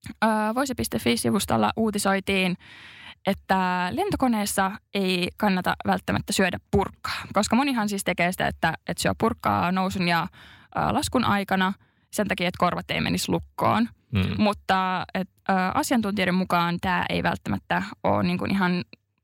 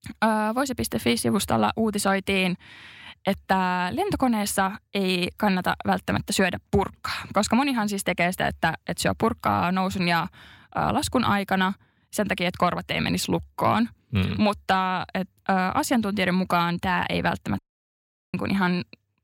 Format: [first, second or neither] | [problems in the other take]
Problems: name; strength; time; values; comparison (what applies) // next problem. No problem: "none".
first | audio cutting out; at 18 s for 1 s